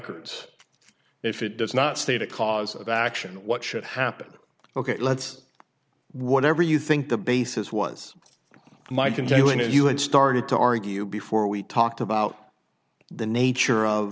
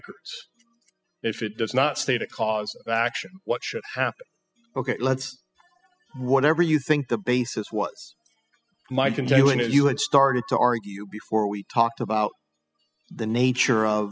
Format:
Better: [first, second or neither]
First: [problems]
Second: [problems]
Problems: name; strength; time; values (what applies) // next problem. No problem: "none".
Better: first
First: none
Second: noise reduction (classical method spectral subtraction)